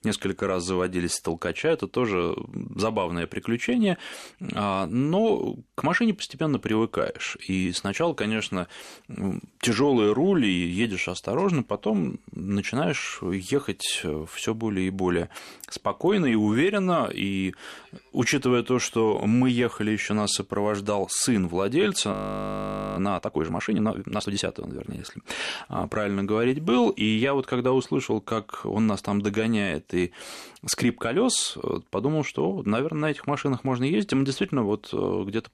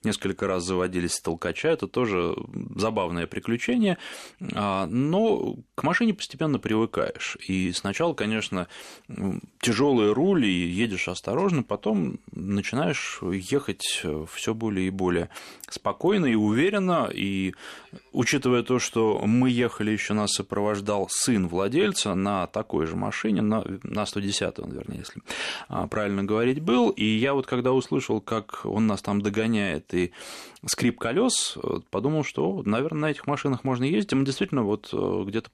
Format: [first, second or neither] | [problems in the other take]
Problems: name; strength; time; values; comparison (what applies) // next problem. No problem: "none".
second | audio freezing; at 22 s for 1 s